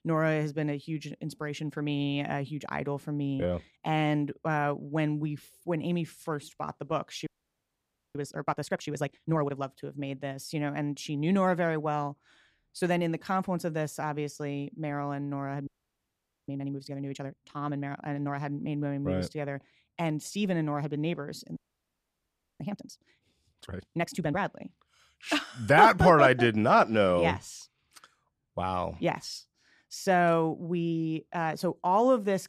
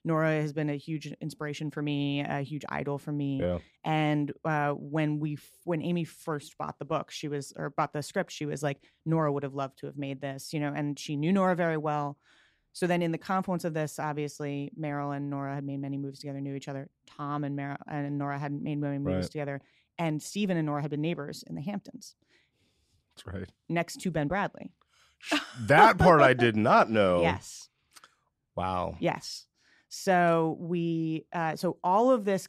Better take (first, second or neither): second